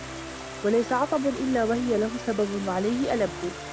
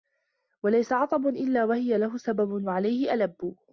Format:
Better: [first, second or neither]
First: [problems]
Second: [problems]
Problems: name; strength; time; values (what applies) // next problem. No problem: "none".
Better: second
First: background sound (Stream + Musical instrument); 11 dB below the speech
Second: none